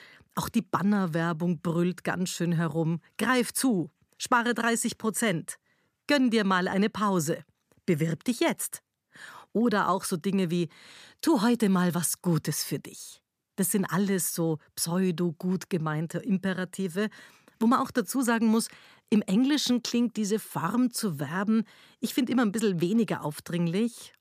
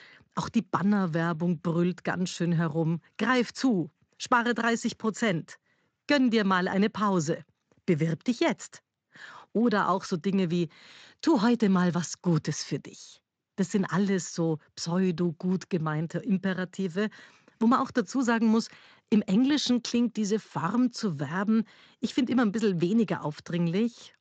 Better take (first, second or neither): first